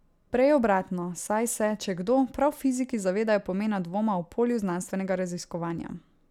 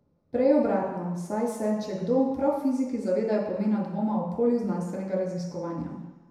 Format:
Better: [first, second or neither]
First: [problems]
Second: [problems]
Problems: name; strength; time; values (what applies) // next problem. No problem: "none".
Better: first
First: none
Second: room echo; dies away in 1 s